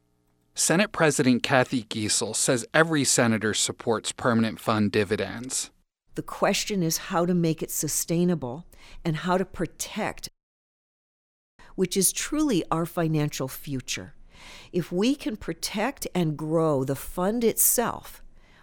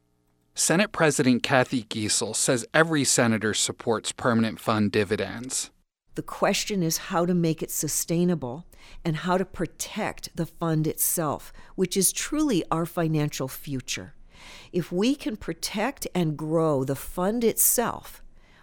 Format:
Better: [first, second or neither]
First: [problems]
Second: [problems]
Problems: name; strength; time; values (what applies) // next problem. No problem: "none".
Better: second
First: audio cutting out; at 10 s for 1.5 s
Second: none